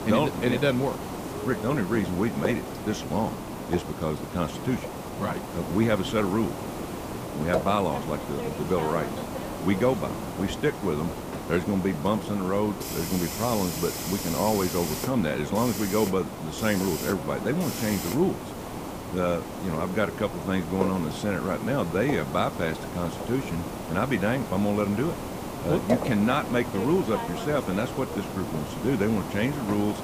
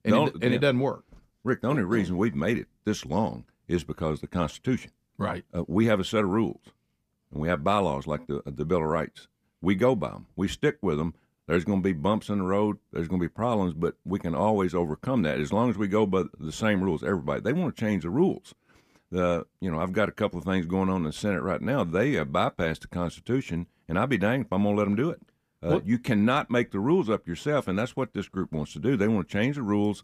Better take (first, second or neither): second